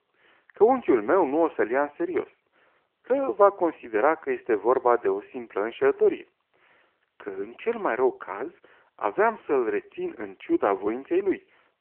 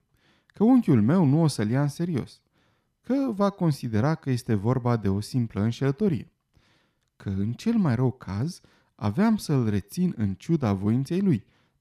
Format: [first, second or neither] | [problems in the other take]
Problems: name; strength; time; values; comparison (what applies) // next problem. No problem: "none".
second | phone-call audio